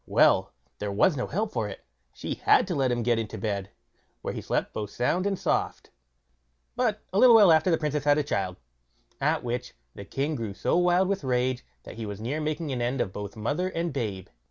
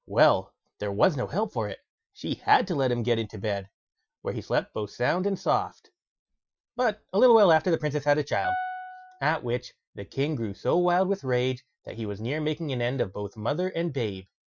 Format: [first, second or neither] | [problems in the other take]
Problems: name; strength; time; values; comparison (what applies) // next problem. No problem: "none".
first | noise reduction (classical method Wiener filter)